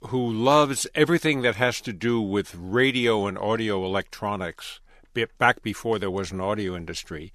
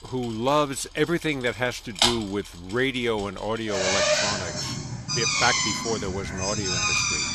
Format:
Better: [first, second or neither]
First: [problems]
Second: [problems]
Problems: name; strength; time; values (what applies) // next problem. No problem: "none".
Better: first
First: none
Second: machinery noise; very loud; throughout; 4 dB above the speech